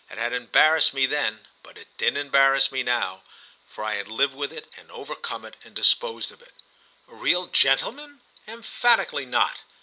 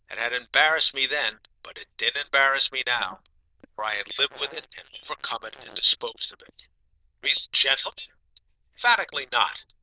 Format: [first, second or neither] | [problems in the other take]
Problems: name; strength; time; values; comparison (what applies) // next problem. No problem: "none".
first | noise reduction (neural diffusion model UNIVERSE++)